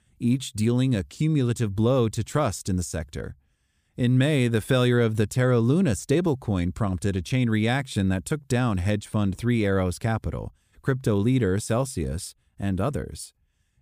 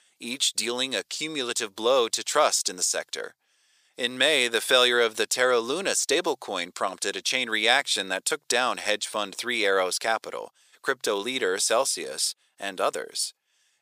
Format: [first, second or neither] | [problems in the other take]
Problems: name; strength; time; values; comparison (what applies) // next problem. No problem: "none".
first | thin; very; fading below 500 Hz